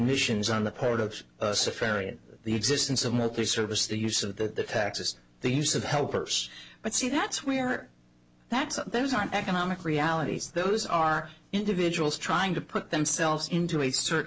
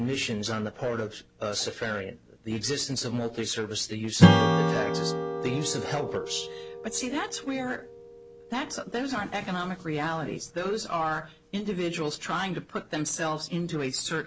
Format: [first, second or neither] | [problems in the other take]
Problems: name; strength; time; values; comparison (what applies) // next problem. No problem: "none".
first | background sound (Strum); as loud as the speech